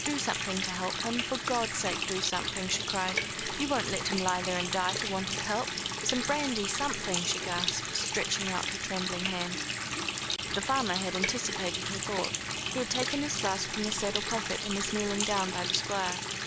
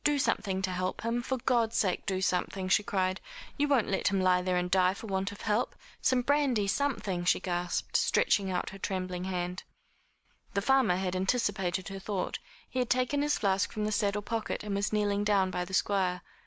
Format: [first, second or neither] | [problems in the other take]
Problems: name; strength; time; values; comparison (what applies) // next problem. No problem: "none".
second | background sound (Water tap, faucet); as loud as the speech